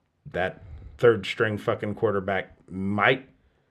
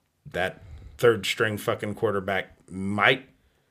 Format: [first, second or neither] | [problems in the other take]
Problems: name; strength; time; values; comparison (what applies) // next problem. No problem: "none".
second | muffled; slightly; fading above 2 kHz